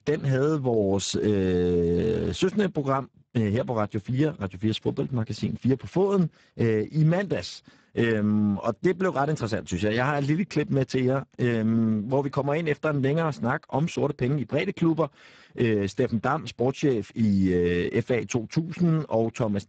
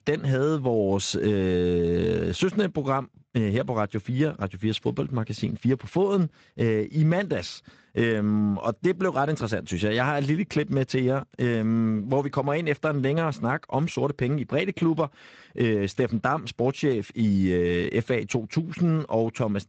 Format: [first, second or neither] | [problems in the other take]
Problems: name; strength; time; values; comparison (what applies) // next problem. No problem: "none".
second | garbled, watery; badly; nothing above 7.5 kHz; slightly in the second